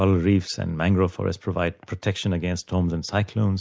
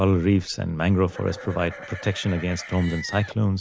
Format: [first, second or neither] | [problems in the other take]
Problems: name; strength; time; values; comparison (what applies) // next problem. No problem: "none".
first | background sound (Livestock, farm animals, working animals); 16 dB below the speech